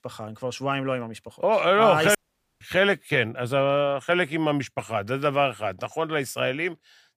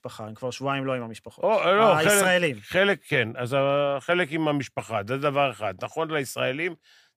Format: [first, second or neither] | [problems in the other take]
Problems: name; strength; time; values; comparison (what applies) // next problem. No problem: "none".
second | audio cutting out; at 2 s